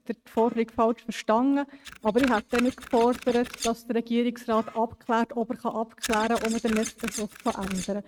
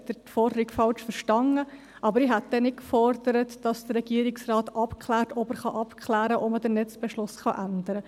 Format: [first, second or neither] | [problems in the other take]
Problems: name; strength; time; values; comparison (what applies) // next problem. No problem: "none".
second | noise reduction (neural mask model RNNoise)